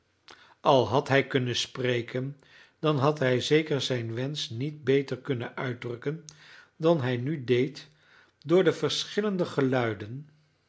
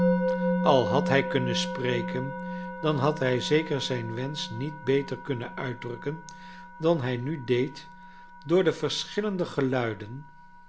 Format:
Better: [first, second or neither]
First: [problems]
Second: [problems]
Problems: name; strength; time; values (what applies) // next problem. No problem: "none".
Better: first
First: none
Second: background sound (Musical instrument); 5 dB below the speech